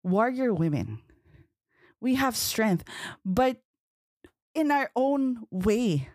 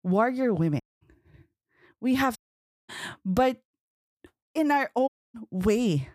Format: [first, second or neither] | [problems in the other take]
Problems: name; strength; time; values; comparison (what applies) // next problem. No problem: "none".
first | audio cutting out; at 1 s, at 2.5 s for 0.5 s and at 5 s